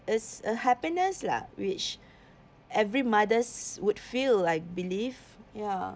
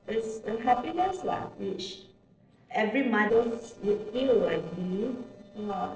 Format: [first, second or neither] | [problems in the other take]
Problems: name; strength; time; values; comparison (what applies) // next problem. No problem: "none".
first | noise reduction (neural separator model SepFormer DNS4)